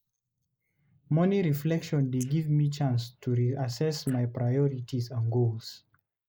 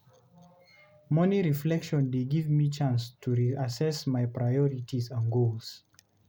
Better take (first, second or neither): second